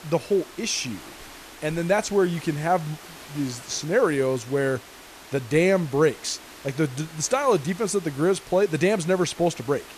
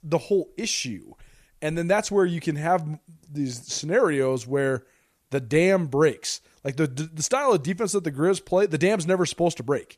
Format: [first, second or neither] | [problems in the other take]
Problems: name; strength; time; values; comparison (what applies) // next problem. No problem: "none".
second | hiss; noticeable; throughout; 20 dB below the speech